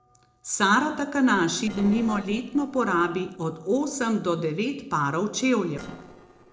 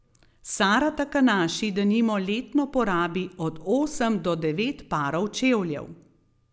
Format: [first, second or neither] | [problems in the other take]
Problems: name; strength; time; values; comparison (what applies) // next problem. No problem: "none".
second | noise reduction (neural separator model SepFormer DNS4)